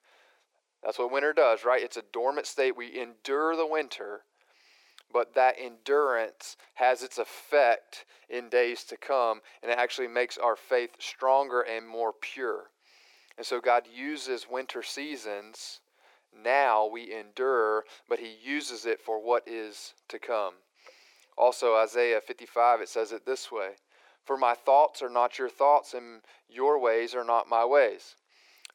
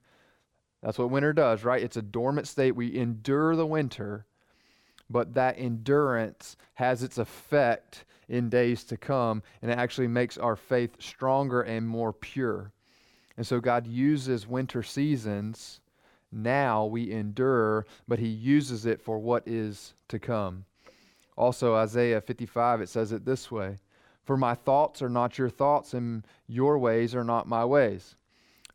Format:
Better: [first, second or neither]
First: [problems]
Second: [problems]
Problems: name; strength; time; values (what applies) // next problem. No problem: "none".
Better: second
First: thin; very; fading below 400 Hz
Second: none